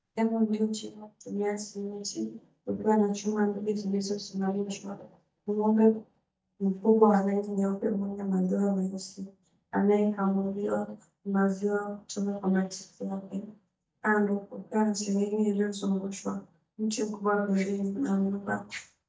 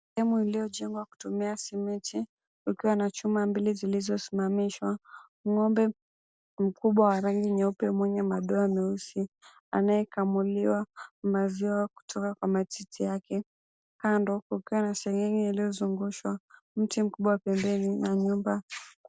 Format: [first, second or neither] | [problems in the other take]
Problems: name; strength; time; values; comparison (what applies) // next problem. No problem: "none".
second | noise reduction (neural mask model DeepFilterNet 3)